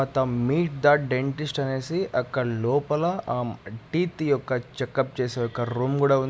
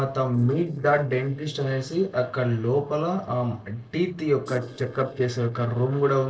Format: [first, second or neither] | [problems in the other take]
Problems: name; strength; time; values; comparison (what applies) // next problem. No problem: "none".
first | noise reduction (neural separator model SepFormer DNS4)